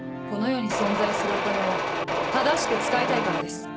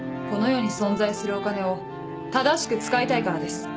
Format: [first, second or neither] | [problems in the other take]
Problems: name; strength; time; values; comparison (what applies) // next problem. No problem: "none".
second | background sound (Mechanisms); 1 dB above the speech